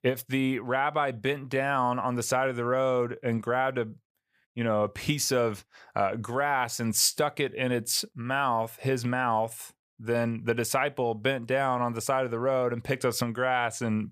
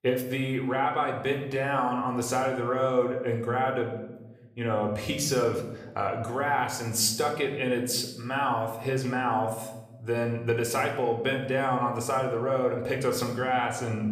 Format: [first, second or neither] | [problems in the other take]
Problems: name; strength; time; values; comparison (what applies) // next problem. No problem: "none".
first | room echo; slight; dies away in 0.9 s